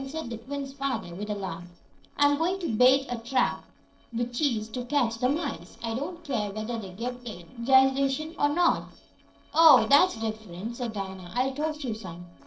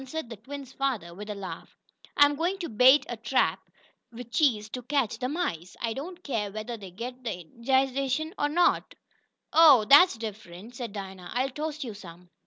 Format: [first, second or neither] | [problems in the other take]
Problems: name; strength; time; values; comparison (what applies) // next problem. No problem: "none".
second | noise reduction (neural separator model SepFormer DNS4)